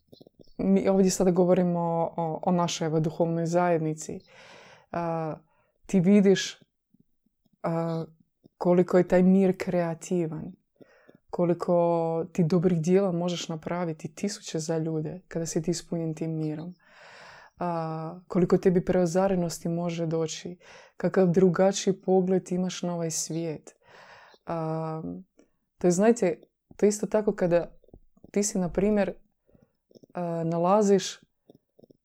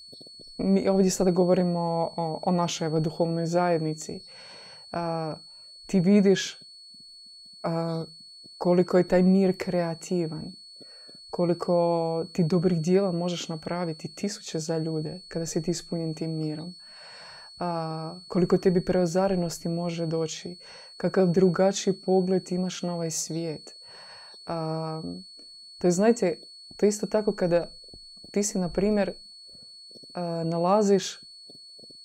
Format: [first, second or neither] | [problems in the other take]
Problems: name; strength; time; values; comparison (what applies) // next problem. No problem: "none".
first | high-pitched whine; noticeable; throughout; 4.5 kHz, 20 dB below the speech